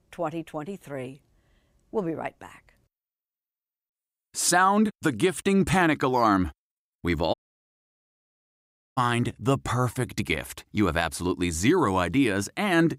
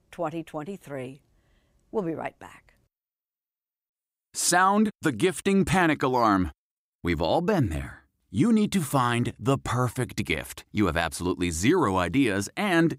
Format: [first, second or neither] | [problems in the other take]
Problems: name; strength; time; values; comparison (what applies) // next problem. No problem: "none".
second | audio cutting out; at 7.5 s for 1.5 s